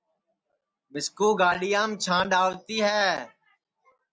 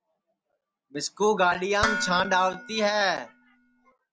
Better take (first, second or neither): first